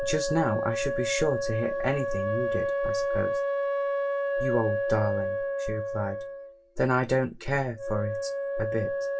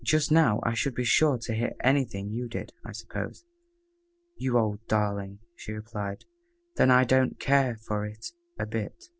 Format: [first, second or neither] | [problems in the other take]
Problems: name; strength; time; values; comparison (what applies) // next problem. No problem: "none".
second | background sound (Wind instrument, woodwind instrument); 1 dB above the speech // room echo; dies away in 0.2 s